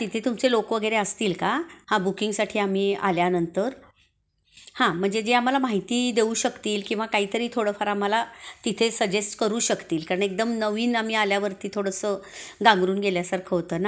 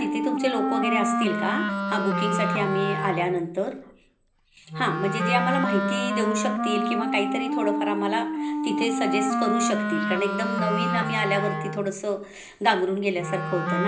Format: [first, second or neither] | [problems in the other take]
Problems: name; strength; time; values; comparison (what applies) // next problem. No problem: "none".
first | background sound (Wind instrument, woodwind instrument); as loud as the speech // room echo; dies away in 0.5 s